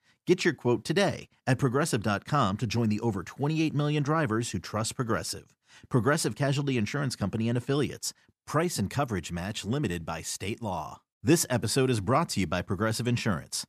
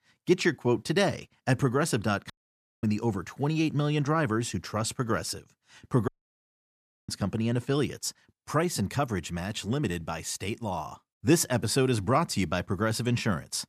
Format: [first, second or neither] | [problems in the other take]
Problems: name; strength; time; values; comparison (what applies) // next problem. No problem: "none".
first | audio cutting out; at 2.5 s for 0.5 s and at 6 s for 1 s